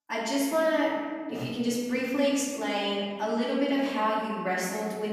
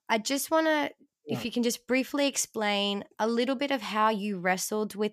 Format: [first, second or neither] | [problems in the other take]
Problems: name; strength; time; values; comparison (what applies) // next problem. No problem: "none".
second | room echo; noticeable; dies away in 1.7 s // off-mic speech; far